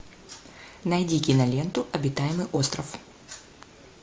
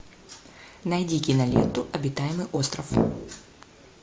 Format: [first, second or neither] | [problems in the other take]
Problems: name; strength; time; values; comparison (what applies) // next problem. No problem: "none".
first | background sound (Brass instrument); 2 dB above the speech